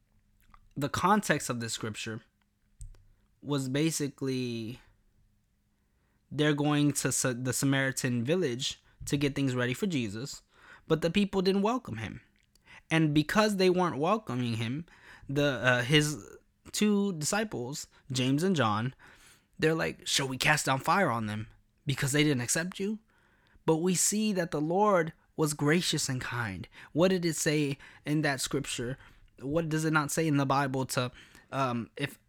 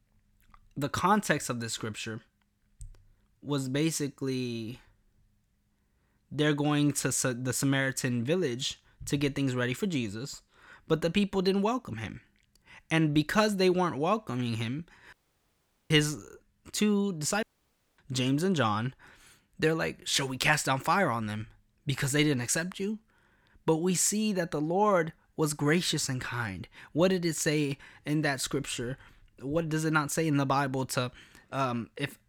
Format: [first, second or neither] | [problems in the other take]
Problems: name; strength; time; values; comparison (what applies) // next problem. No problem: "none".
first | audio cutting out; at 15 s for 1 s and at 17 s for 0.5 s